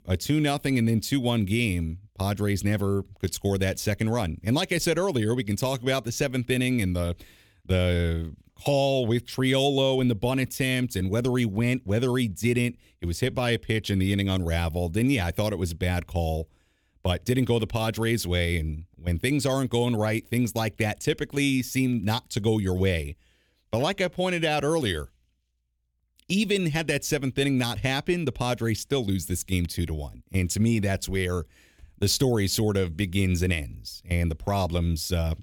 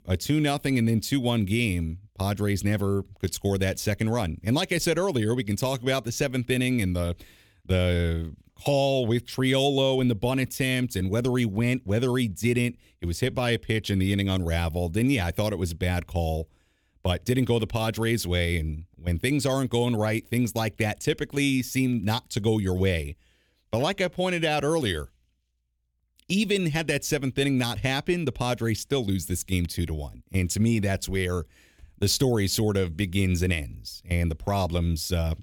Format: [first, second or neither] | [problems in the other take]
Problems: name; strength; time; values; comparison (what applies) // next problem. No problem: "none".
neither | none